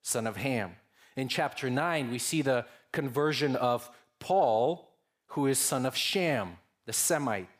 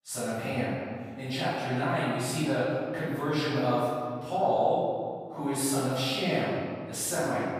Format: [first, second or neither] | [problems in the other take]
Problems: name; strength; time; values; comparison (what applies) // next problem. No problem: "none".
first | room echo; strong; dies away in 2 s // off-mic speech; far